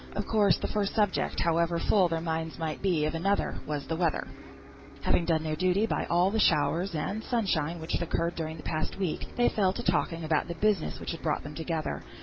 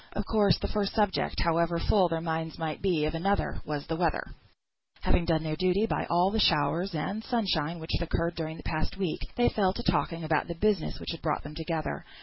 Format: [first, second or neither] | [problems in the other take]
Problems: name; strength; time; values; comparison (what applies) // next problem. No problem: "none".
second | background sound (Bus); 18 dB below the speech